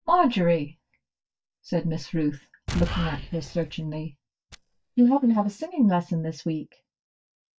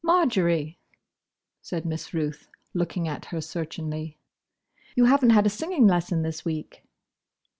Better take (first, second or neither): second